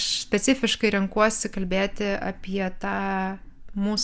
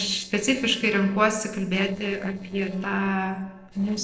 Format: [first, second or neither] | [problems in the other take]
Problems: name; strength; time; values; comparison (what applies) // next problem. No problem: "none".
first | noise reduction (neural separator model SepFormer DNS4)